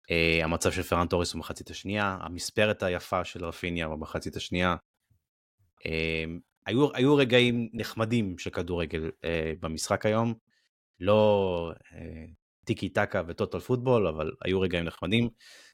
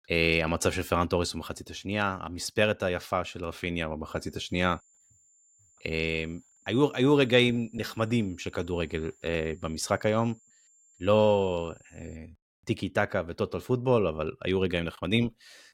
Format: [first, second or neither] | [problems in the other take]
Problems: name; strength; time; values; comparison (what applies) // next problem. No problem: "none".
first | high-pitched whine; faint; from 4 to 12 s; 7.5 kHz, 30 dB below the speech